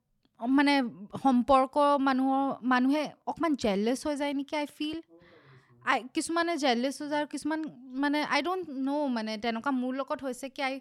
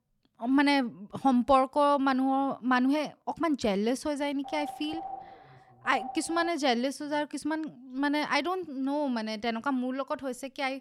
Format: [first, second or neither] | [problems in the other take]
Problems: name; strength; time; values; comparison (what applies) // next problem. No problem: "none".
first | phone ringing; faint; from 4.5 to 6.5 s; peak 10 dB below the speech